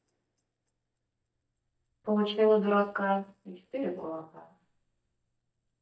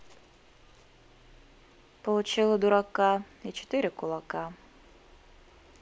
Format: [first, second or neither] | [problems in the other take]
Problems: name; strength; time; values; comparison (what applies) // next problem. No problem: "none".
second | noise reduction (neural mask model DeepFilterNet 3)